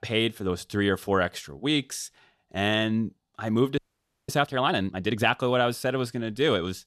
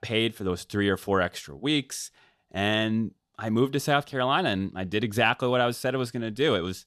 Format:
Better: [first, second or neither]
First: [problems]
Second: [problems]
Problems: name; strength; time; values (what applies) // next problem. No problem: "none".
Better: second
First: audio freezing; at 4 s for 0.5 s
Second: none